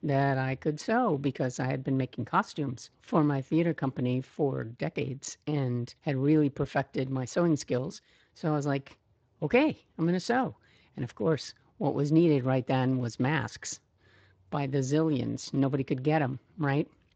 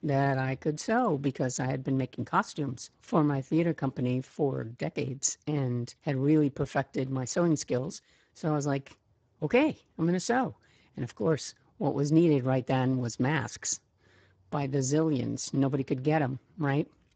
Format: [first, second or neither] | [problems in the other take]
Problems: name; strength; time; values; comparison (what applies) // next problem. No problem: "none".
first | garbled, watery; badly; nothing above 7.5 kHz; slightly in the first